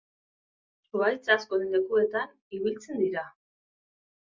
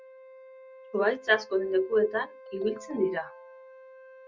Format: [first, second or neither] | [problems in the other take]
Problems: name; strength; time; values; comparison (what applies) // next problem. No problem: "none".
first | background sound (Ringtone + Wind instrument, woodwind instrument); 18 dB below the speech